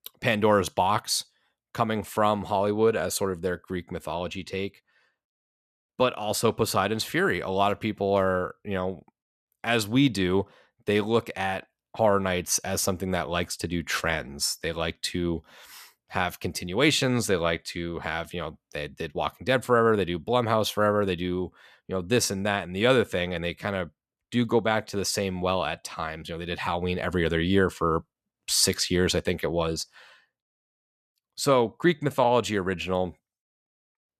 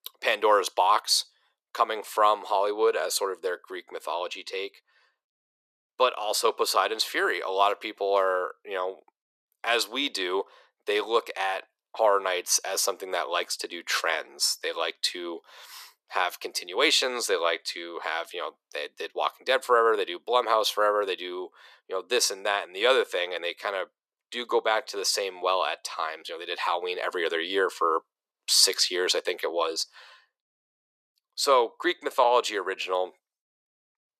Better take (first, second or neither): first